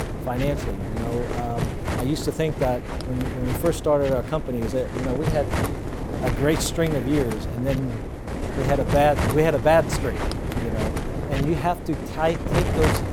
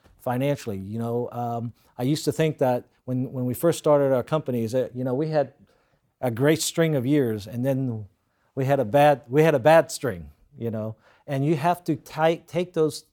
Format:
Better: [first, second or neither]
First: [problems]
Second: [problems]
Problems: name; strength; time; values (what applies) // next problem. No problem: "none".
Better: second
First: wind noise on the microphone; heavy; 6 dB below the speech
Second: none